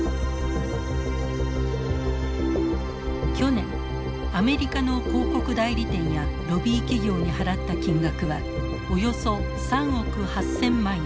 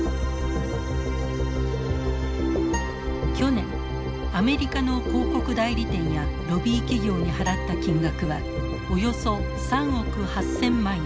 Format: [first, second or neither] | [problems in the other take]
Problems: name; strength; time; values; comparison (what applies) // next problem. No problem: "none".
first | background sound (Acoustic guitar); 15 dB below the speech